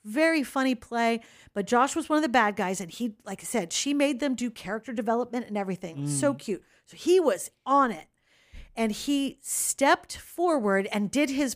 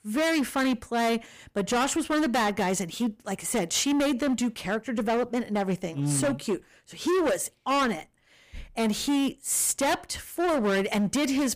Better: first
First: none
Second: distortion; heavy; 18% of the sound clipped

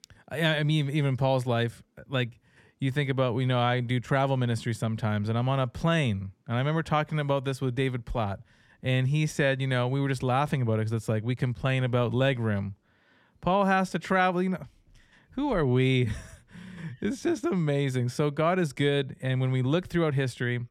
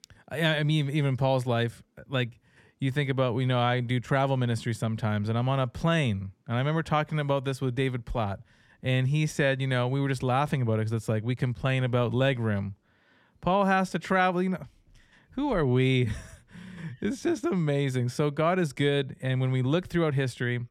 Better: neither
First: none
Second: none

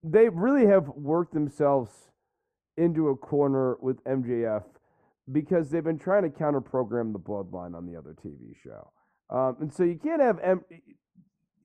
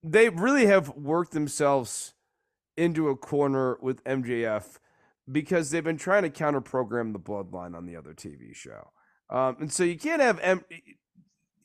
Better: second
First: muffled; very; fading above 2 kHz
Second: none

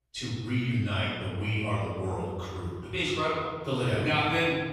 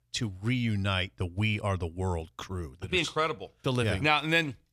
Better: second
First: off-mic speech; far // room echo; strong; dies away in 1.3 s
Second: none

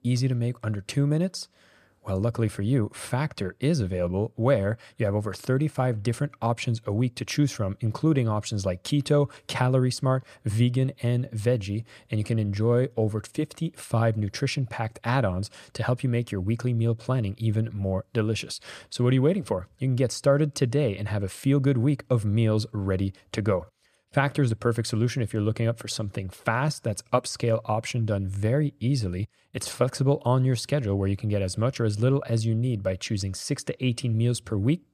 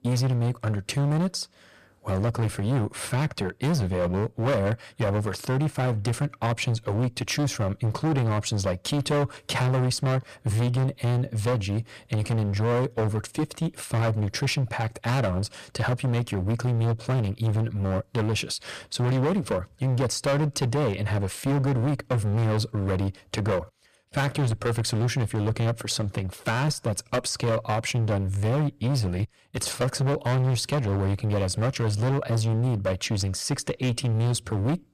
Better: first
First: none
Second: distortion; heavy; 21% of the sound clipped

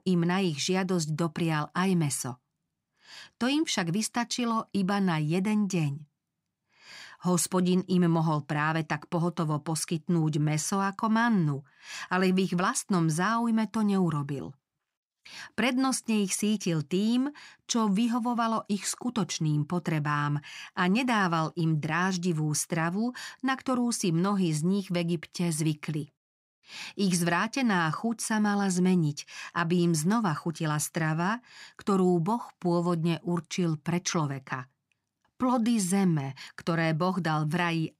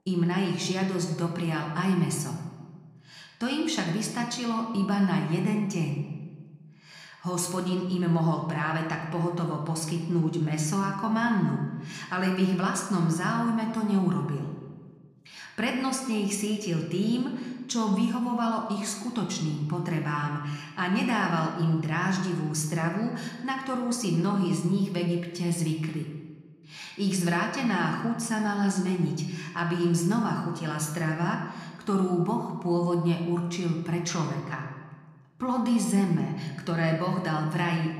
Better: first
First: none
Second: room echo; slight; dies away in 1.1 s

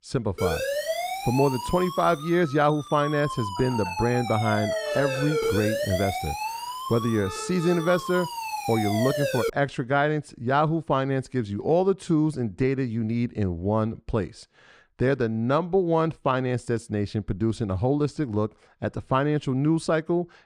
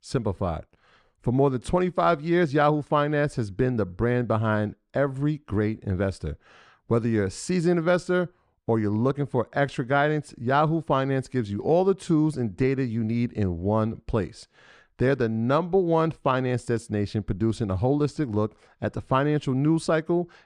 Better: second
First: siren; noticeable; until 9.5 s; peak level with the speech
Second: none

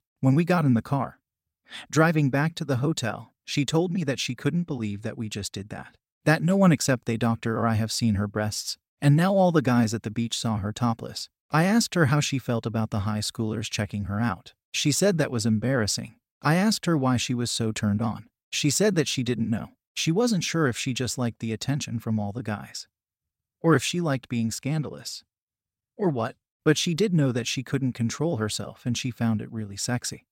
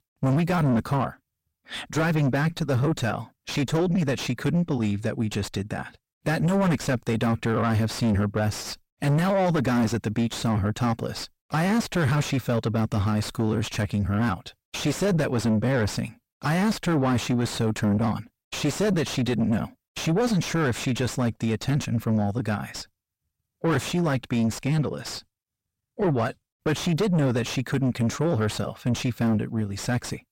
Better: first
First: none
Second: distortion; heavy; 5 dB below the speech

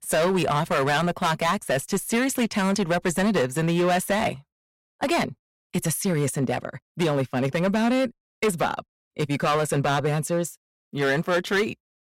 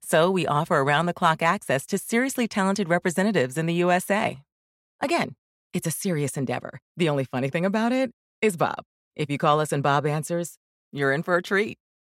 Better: second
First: distortion; heavy; 10% of the sound clipped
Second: none

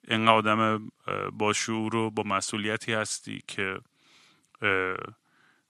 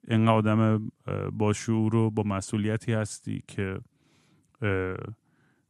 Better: second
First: thin; somewhat; fading below 550 Hz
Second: none

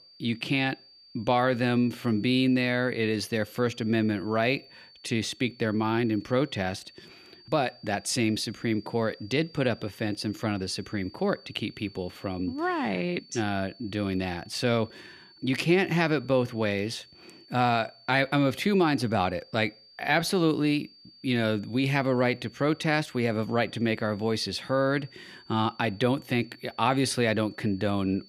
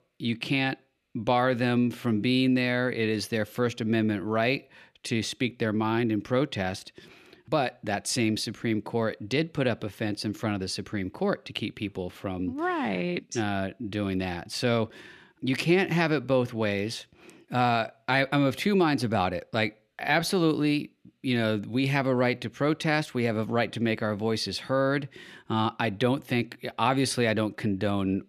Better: second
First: high-pitched whine; faint; throughout; 4.5 kHz, 25 dB below the speech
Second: none

